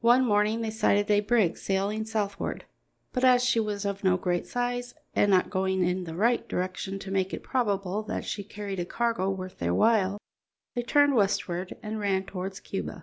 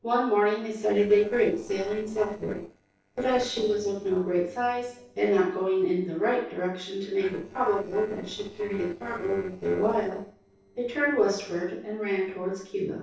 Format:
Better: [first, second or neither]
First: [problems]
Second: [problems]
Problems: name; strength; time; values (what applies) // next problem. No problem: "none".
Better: first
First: none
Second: noise reduction (neural separator model SepFormer DNS4)